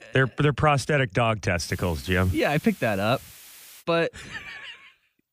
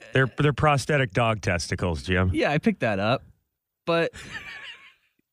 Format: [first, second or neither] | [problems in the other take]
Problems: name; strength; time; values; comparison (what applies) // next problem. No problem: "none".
second | hiss; faint; from 1.5 to 4 s; 20 dB below the speech